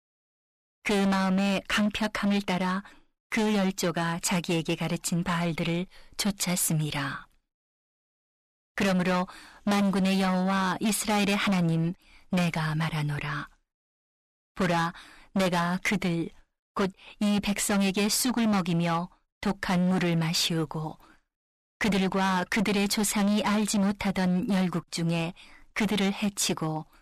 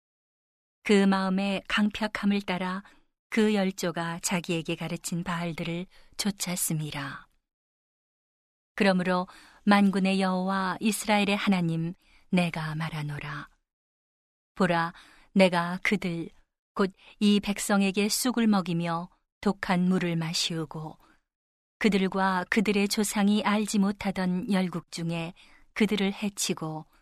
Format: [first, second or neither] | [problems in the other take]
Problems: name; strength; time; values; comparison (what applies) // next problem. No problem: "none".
second | distortion; heavy; 18% of the sound clipped